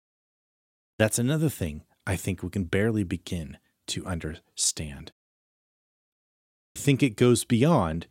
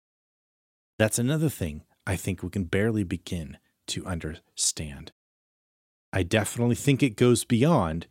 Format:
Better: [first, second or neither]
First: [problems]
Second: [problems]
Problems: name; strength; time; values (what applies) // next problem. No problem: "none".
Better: second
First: audio cutting out; at 6 s for 0.5 s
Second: none